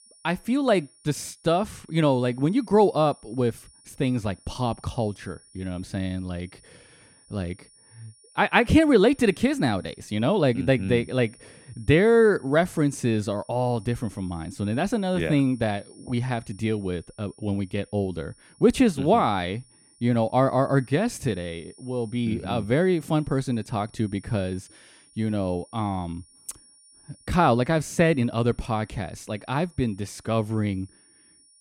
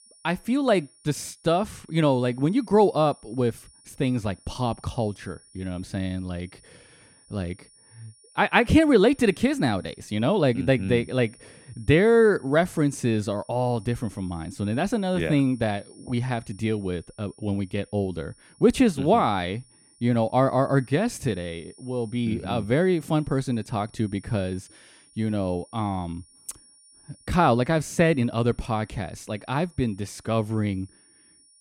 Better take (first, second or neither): neither